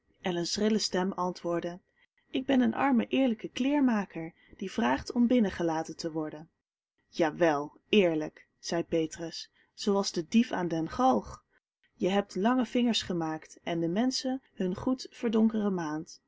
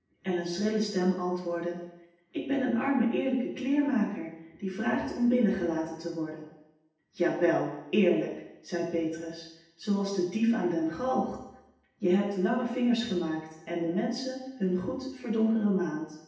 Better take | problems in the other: first | room echo; dies away in 0.9 s

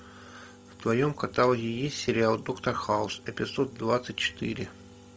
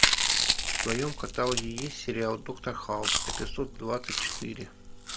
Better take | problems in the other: first | background sound (Chewing, mastication); 3 dB above the speech

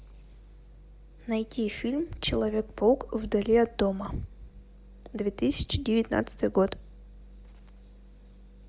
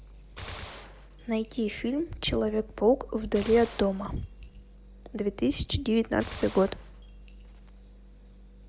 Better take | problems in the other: first | background sound (Gunshot, gunfire); 17 dB below the speech

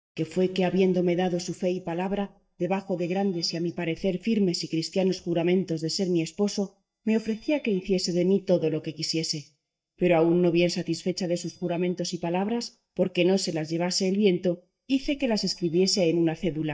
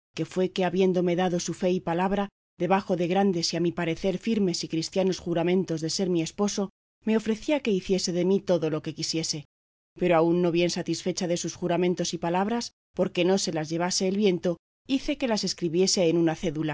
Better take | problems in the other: second | noise reduction (neural mask model DeepFilterNet 3)

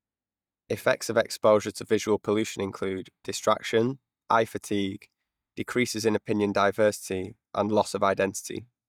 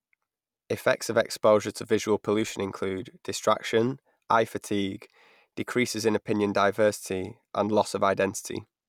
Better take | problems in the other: second | noise reduction (neural mask model DeepFilterNet 3)

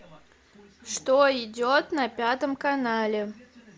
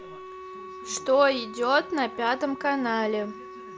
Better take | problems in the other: first | background sound (Wind instrument, woodwind instrument); 14 dB below the speech

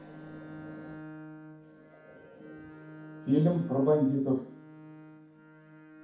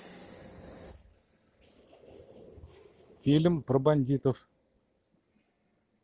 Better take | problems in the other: second | background sound (Bowed string instrument); 16 dB below the speech // room echo; dies away in 0.6 s

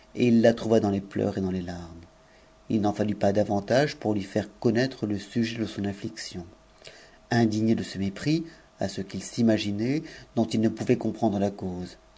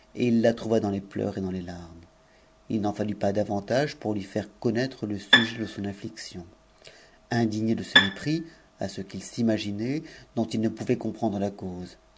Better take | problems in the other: first | background sound (Bowed string instrument); 3 dB above the speech

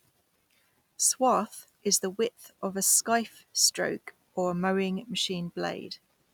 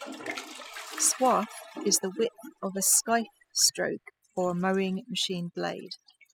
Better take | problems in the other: first | noise reduction (classical method spectral subtraction)

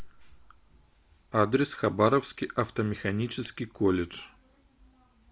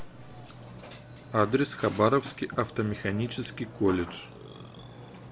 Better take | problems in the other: first | background sound (Burping, eructation); 15 dB below the speech

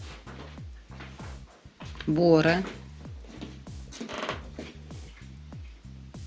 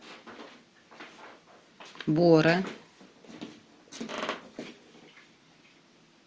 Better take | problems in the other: second | background sound (Bass guitar); 13 dB below the speech

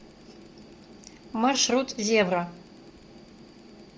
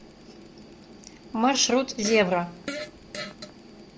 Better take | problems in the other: first | background sound (Fart); 11 dB below the speech

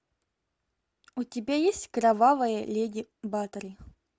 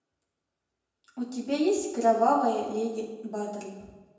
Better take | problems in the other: first | room echo; dies away in 0.9 s

